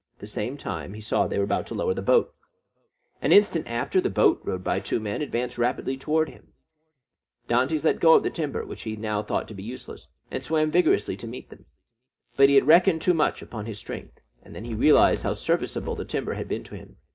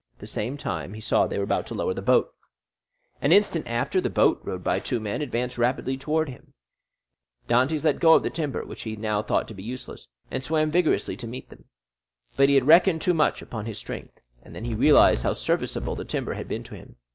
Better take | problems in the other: second | room echo; dies away in 0.3 s

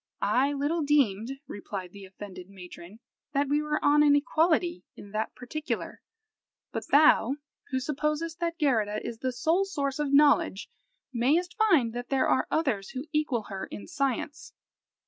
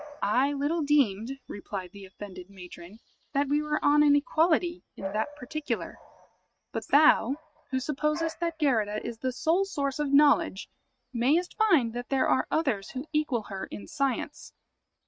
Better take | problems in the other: first | noise reduction (neural mask model RNNoise)

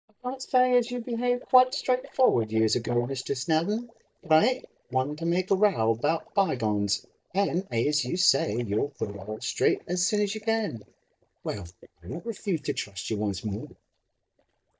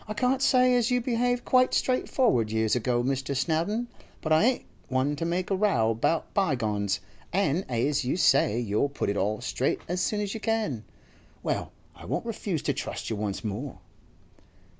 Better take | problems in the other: second | noise reduction (neural mask model DeepFilterNet 3)

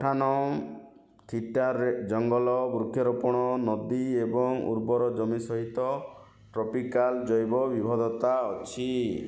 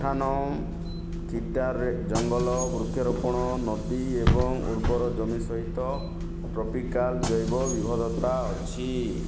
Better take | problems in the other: first | background sound (Bus / Engine); 1 dB below the speech

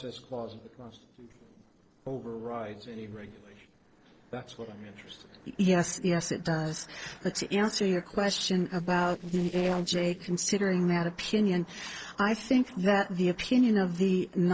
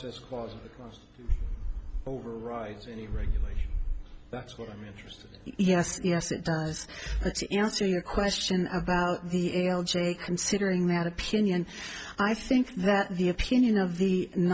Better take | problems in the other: second | noise reduction (neural separator model SepFormer DNS4)

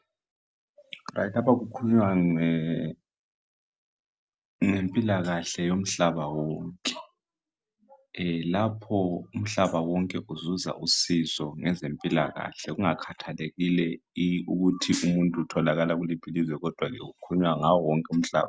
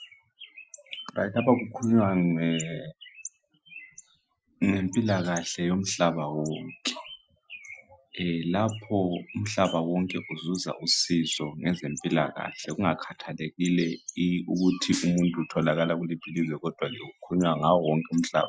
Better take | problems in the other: first | noise reduction (classical method Wiener filter)

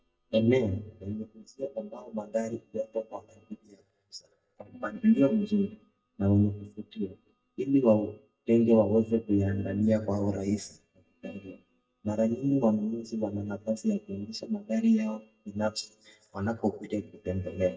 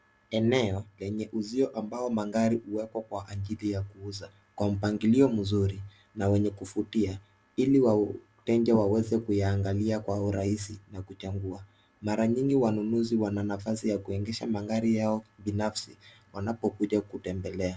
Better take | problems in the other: second | noise reduction (neural mask model DeepFilterNet 3)

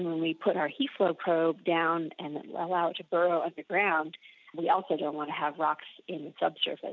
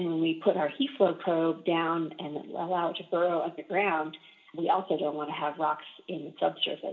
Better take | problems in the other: first | room echo; dies away in 0.4 s

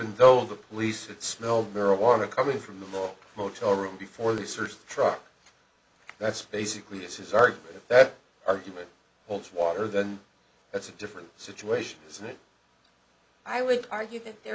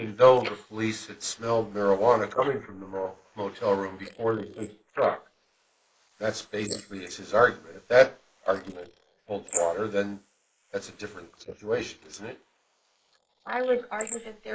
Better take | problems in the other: first | noise reduction (neural mask model Resemble Enhance denoiser)

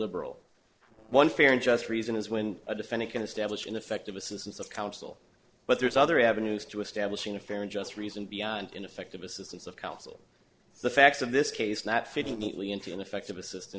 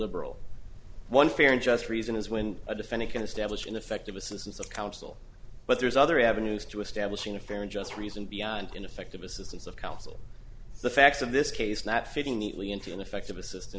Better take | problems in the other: second | noise reduction (neural separator model SepFormer DNS4)

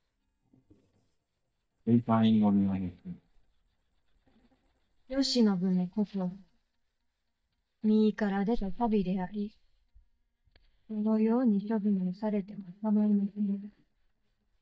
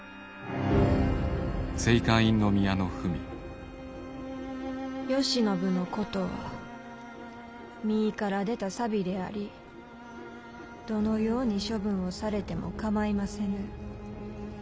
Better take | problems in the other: second | noise reduction (neural mask model DeepFilterNet 3)

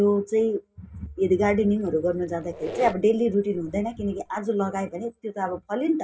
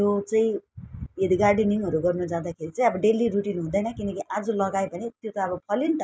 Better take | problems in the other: second | background sound (Squeak); 16 dB below the speech // room echo; dies away in 0.3 s

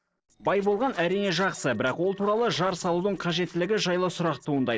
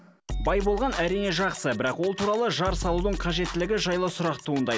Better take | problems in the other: second | noise reduction (neural separator model SepFormer DNS4)

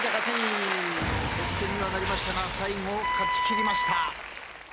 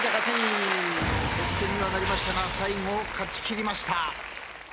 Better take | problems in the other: second | background sound (Wind instrument, woodwind instrument); as loud as the speech

